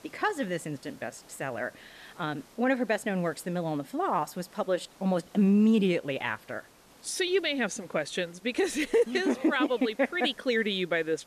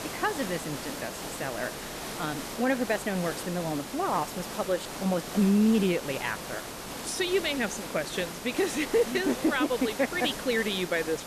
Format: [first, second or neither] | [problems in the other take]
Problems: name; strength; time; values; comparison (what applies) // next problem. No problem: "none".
first | hiss; loud; throughout; 8 dB below the speech; faint in the first